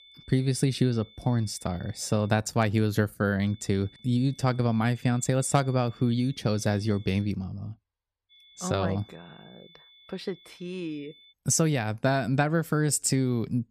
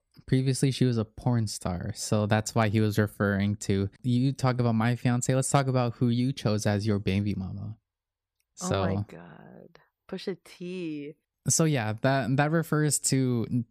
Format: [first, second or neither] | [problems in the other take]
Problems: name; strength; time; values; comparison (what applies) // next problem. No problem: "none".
second | high-pitched whine; faint; until 2.5 s, from 3.5 to 7.5 s and from 8.5 to 11 s; 3.5 kHz, 25 dB below the speech